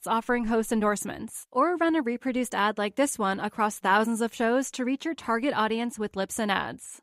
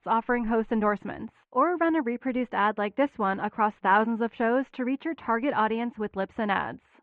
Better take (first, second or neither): first